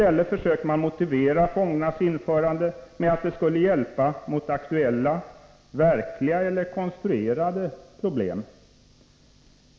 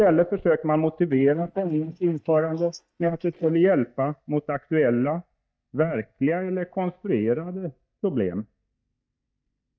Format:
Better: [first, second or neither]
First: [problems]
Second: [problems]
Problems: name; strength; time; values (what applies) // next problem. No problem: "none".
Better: first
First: none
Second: noise reduction (neural mask model DeepFilterNet 3)